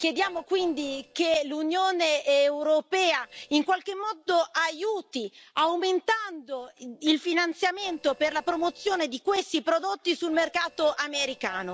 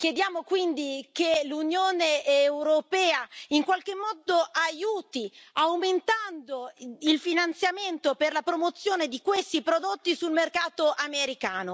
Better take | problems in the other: second | noise reduction (neural separator model SepFormer DNS4)

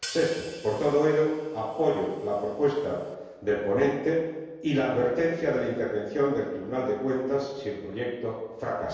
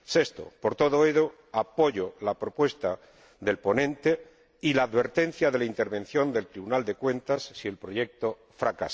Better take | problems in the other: second | background sound (Hi-hat); 18 dB below the speech // room echo; dies away in 1.2 s

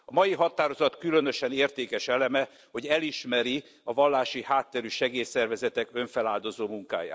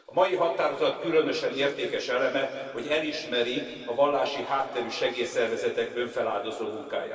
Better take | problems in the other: first | room echo; dies away in 2.5 s

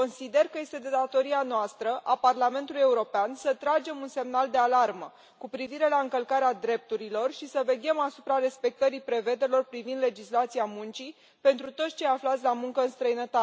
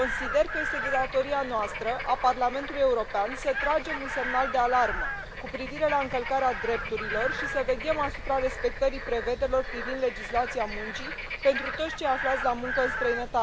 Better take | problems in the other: first | background sound (Bird / Frog + Chicken, rooster); 5 dB below the speech

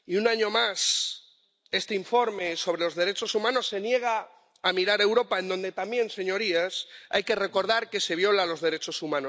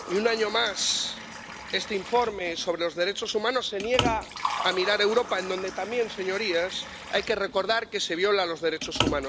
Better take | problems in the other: first | background sound (Liquid); 8 dB below the speech

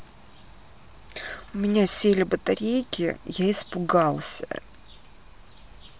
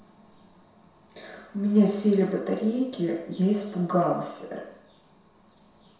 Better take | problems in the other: first | room echo; dies away in 0.7 s

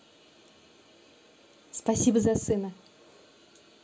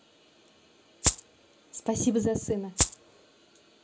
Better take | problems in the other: first | background sound (Rattle (instrument)); 5 dB above the speech

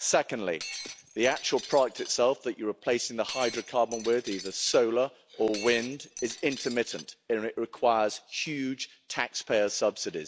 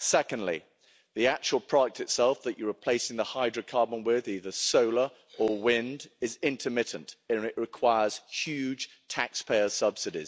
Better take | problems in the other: second | background sound (Shatter); 13 dB below the speech

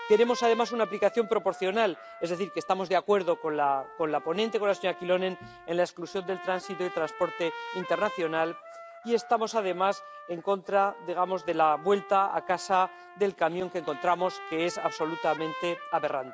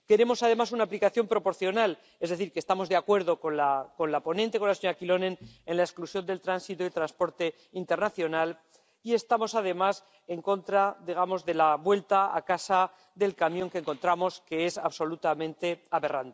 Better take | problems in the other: second | background sound (Trumpet); 14 dB below the speech

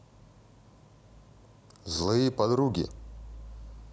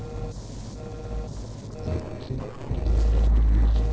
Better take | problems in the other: first | noise reduction (neural separator model SepFormer DNS4)

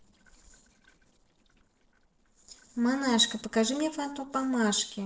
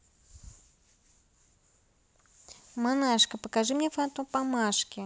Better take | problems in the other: second | noise reduction (neural separator model SepFormer DNS4)

